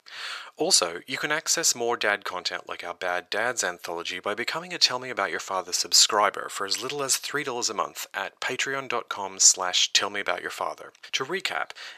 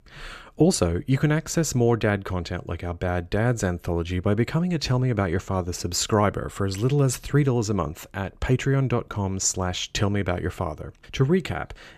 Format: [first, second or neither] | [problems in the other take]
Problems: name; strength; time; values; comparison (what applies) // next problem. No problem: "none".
second | thin; very; fading below 800 Hz